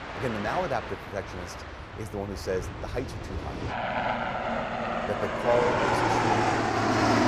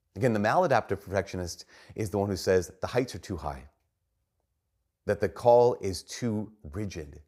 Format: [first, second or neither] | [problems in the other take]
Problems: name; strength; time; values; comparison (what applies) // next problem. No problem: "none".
second | train or aircraft noise; very loud; throughout; 5 dB above the speech